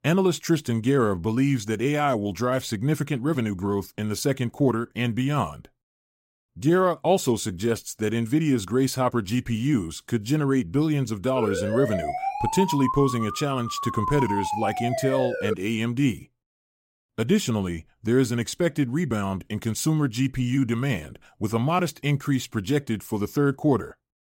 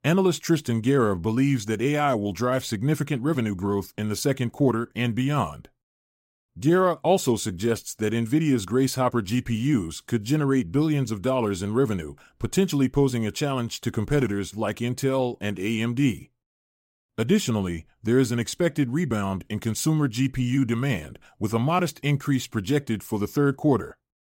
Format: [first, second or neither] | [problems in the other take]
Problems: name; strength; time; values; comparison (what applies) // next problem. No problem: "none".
second | siren; noticeable; from 11 to 16 s; peak 2 dB below the speech